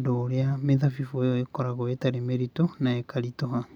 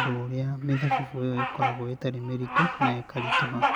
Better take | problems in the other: first | background sound (Bird vocalization, bird call, bird song); 1 dB above the speech

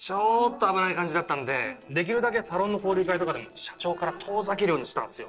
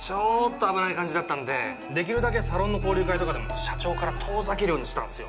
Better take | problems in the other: second | noise reduction (neural separator model SepFormer DNS4)

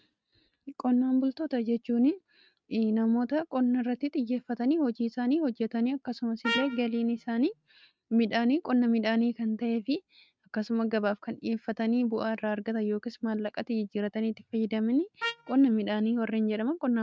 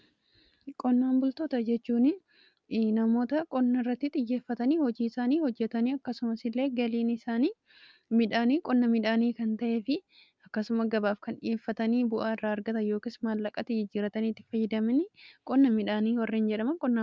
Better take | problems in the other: second | noise reduction (neural mask model RNNoise)

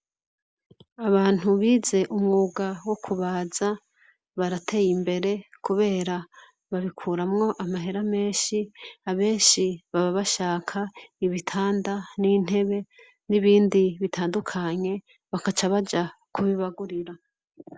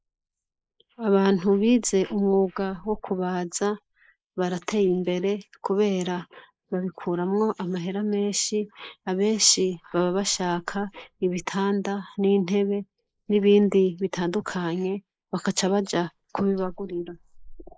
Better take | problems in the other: first | noise reduction (neural mask model Resemble Enhance denoiser)

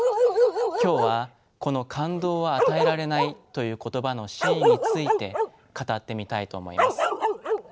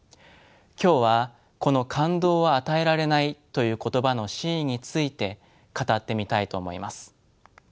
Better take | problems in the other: second | background sound (Bark); 3 dB above the speech

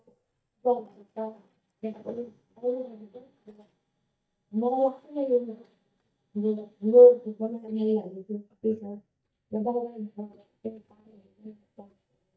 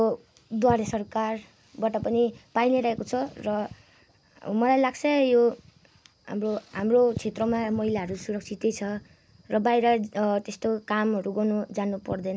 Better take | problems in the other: second | noise reduction (neural mask model DeepFilterNet 3)

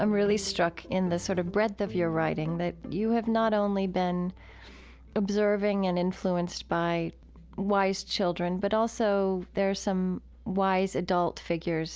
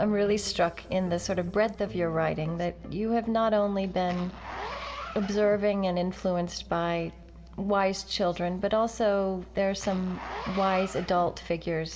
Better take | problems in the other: first | background sound (Zipper (clothing)); 17 dB below the speech // room echo; dies away in 2.5 s

